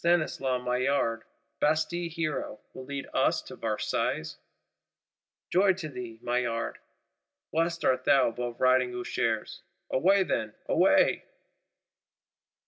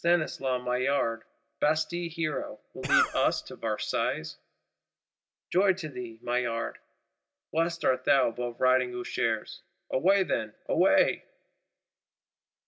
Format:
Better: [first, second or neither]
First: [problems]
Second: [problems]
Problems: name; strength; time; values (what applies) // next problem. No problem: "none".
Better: first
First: none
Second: background sound (Cough); as loud as the speech